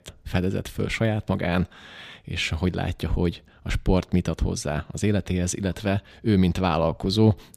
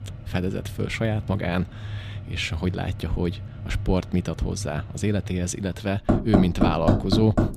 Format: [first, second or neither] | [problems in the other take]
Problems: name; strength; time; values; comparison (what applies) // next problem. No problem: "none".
first | machinery noise; loud; throughout; 3 dB below the speech